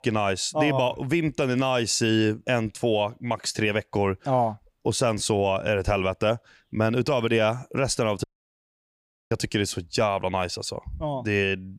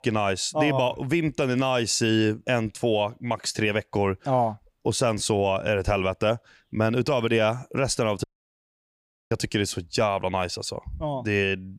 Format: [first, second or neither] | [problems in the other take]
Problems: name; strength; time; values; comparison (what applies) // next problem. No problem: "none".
neither | audio cutting out; at 8 s for 1 s; the same in both